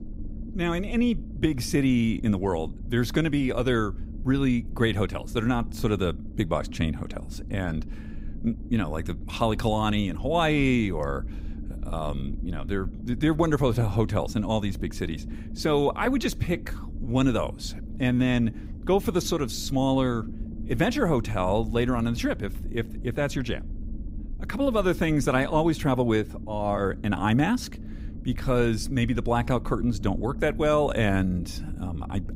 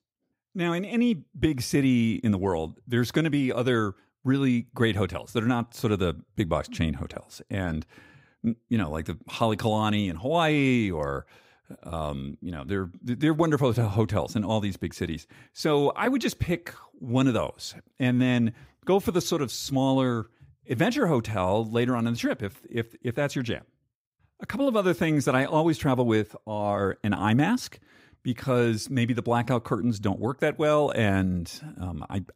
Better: second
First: low rumble; noticeable; throughout; 20 dB below the speech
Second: none

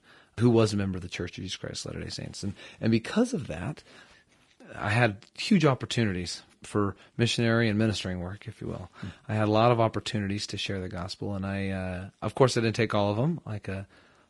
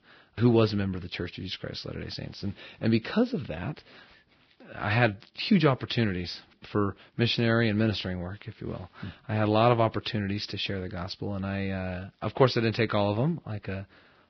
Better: first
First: garbled, watery; slightly; nothing above 10.5 kHz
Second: garbled, watery; badly; nothing above 5.5 kHz

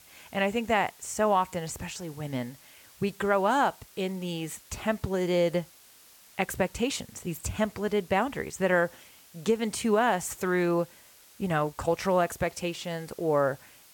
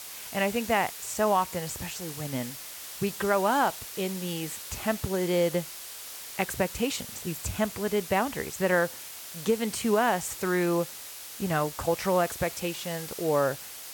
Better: first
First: hiss; faint; throughout; 25 dB below the speech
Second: hiss; loud; throughout; 9 dB below the speech

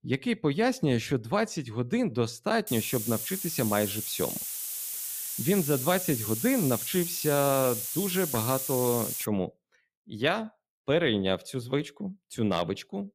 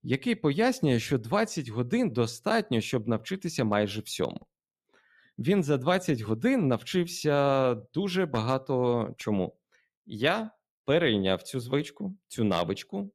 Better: second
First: hiss; loud; from 2.5 to 9.5 s; 3 dB below the speech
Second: none

